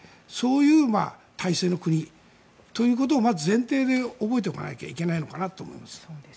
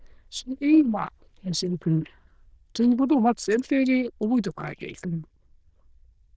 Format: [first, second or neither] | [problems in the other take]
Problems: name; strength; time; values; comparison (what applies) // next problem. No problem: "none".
first | noise reduction (neural diffusion model UNIVERSE++)